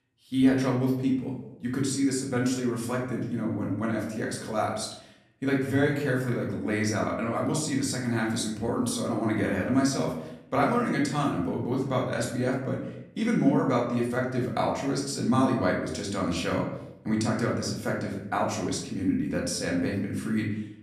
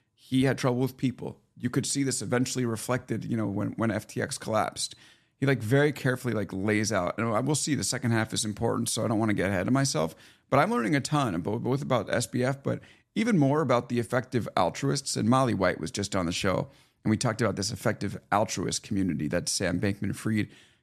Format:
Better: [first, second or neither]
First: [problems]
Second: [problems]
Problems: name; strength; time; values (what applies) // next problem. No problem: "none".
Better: second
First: room echo; noticeable; dies away in 0.7 s // off-mic speech; far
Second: none